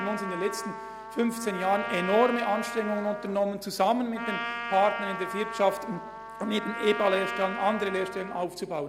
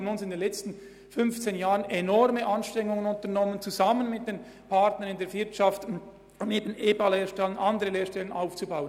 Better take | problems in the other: second | background sound (Trumpet); 8 dB below the speech

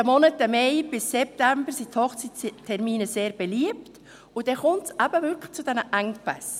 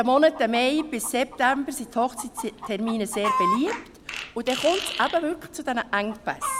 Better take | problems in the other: first | background sound (Fart + Chicken, rooster); 8 dB below the speech

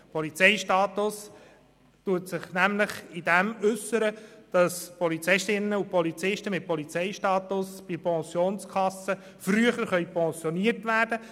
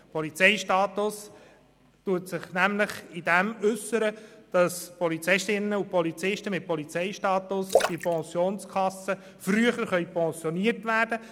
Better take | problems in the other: first | background sound (Splash, splatter); 4 dB below the speech

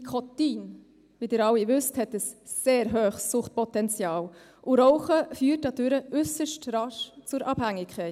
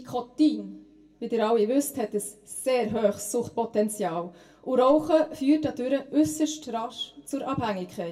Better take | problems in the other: first | room echo; dies away in 0.2 s

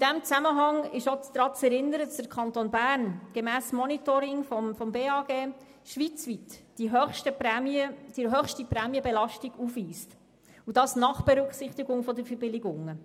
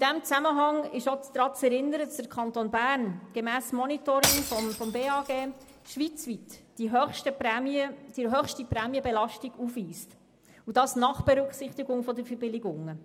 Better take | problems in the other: first | background sound (Shatter / Crushing); 4 dB below the speech

